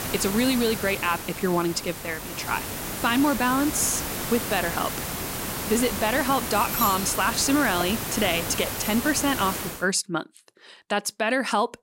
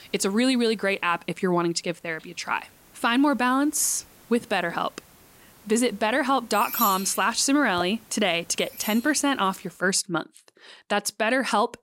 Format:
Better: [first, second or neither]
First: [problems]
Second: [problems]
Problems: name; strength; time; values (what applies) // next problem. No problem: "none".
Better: second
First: hiss; loud; until 9.5 s; 5 dB below the speech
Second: hiss; faint; until 9.5 s; 30 dB below the speech